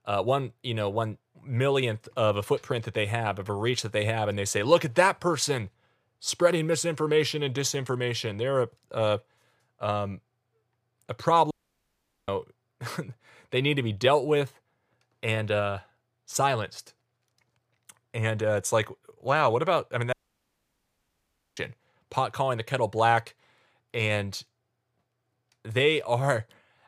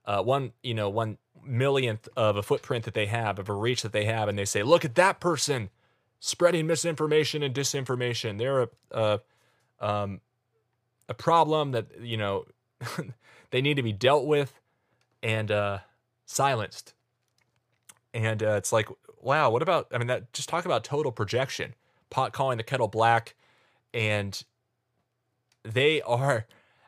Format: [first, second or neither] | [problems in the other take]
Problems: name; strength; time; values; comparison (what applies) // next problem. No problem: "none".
second | audio cutting out; at 12 s for 1 s and at 20 s for 1.5 s